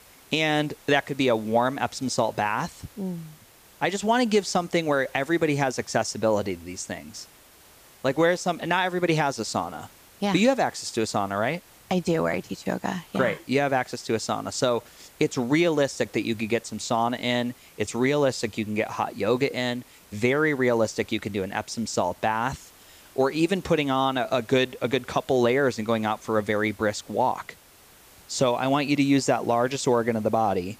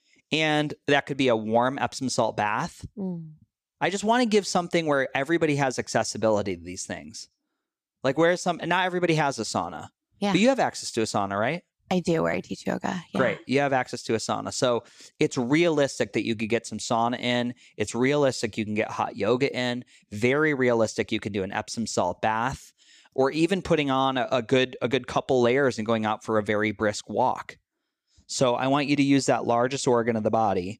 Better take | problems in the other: second | hiss; faint; throughout; 25 dB below the speech

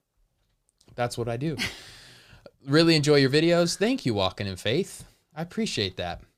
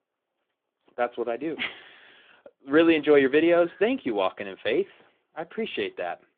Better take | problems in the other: first | phone-call audio; nothing above 3.5 kHz

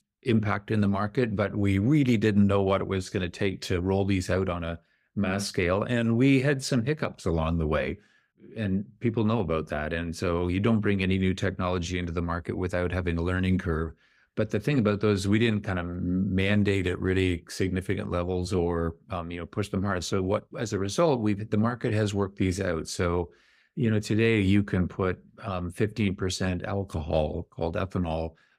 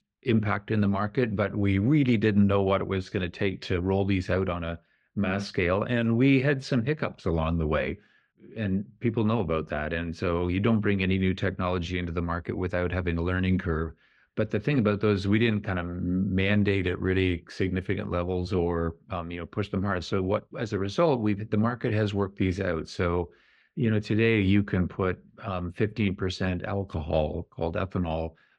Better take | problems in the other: first | muffled; very slightly; fading above 3 kHz

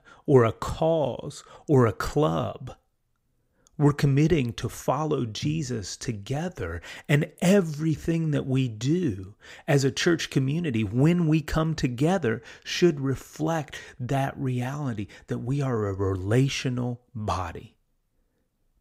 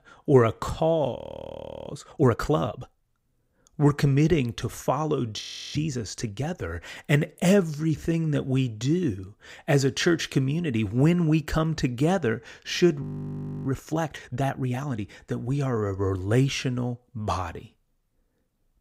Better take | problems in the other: first | audio freezing; at 1 s for 0.5 s, at 5.5 s and at 13 s for 0.5 s

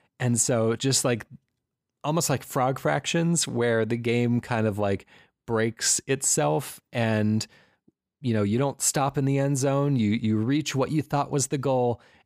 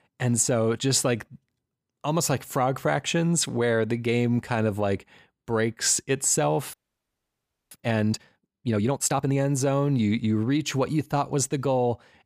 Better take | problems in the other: first | audio freezing; at 6.5 s for 1 s

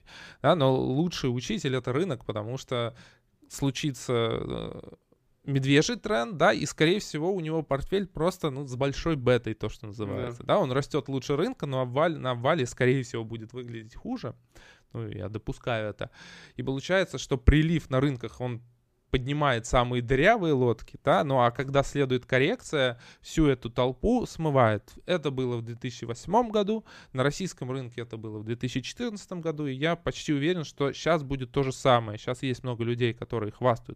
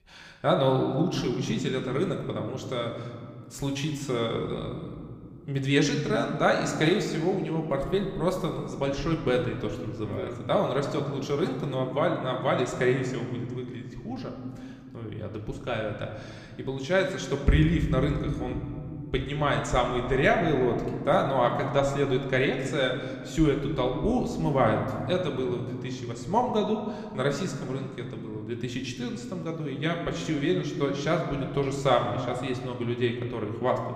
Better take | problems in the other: first | room echo; slight; dies away in 1.9 s

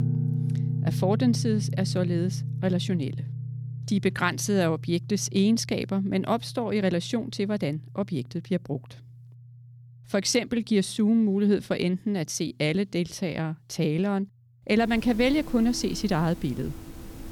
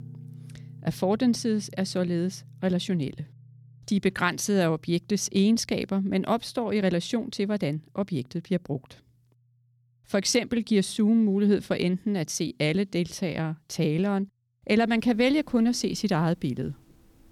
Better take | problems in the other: second | background music; loud; throughout; 7 dB below the speech; faint in the second

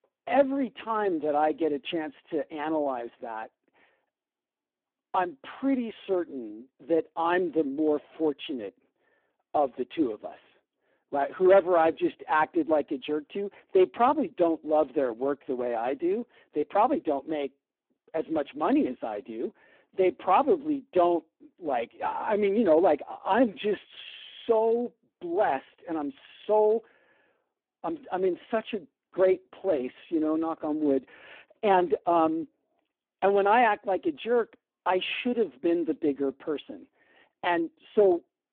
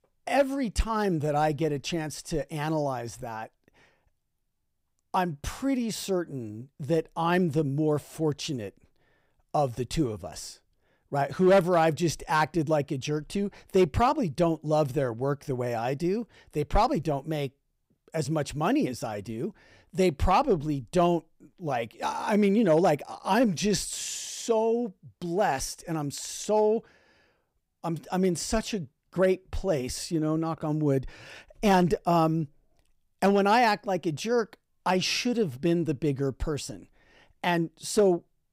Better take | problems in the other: second | phone-call audio; poor line

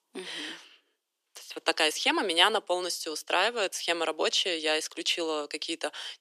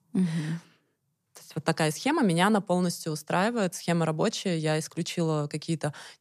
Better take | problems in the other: second | thin; very; fading below 300 Hz

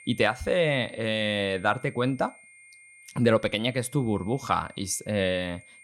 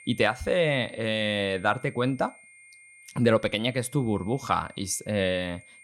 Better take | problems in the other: neither | high-pitched whine; faint; throughout; 2 kHz, 25 dB below the speech; the same in both

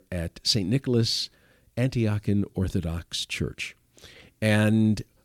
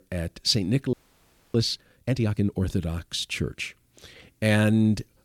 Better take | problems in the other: first | audio freezing; at 1 s for 0.5 s

